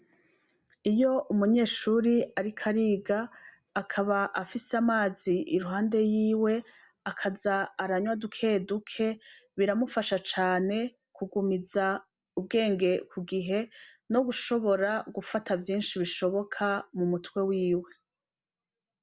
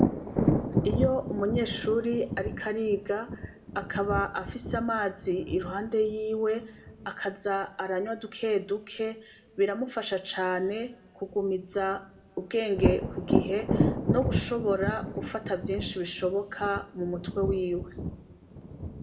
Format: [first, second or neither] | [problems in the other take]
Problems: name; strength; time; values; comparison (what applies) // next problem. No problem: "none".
first | background sound (Thunder); 2 dB below the speech // room echo; dies away in 1.1 s